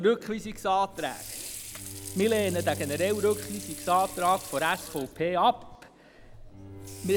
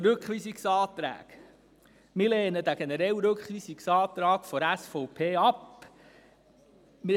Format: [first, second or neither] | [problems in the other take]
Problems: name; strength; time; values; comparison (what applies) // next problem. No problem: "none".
second | background sound (Bowed string instrument + Sink (filling or washing) / Water); 12 dB below the speech